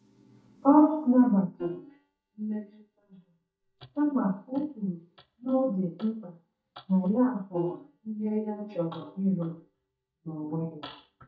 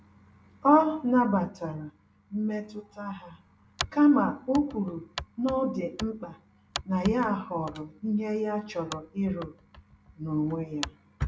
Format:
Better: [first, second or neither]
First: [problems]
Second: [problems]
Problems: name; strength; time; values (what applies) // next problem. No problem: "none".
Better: second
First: noise reduction (neural mask model DeepFilterNet 3)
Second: none